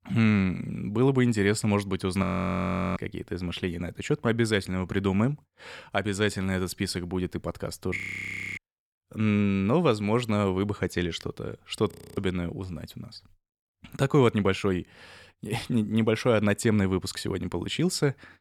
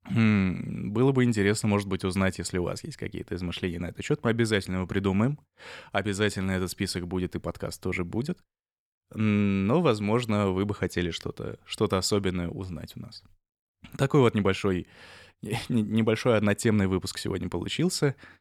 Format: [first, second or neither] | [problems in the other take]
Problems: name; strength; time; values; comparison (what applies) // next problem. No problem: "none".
second | audio freezing; at 2 s for 0.5 s, at 8 s for 0.5 s and at 12 s